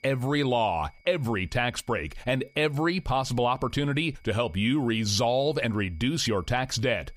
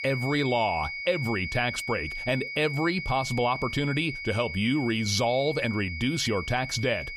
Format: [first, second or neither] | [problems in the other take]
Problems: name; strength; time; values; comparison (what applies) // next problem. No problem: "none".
first | high-pitched whine; loud; throughout; 2 kHz, 7 dB below the speech; faint in the first